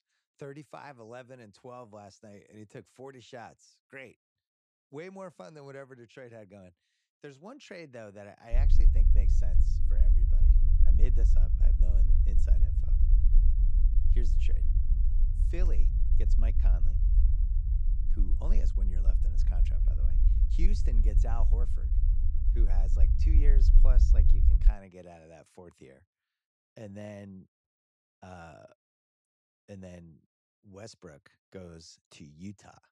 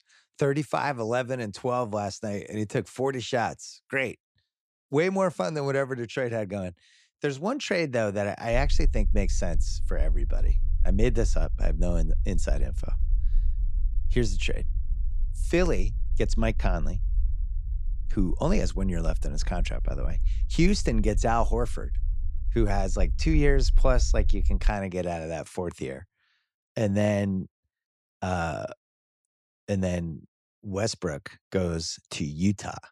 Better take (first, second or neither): second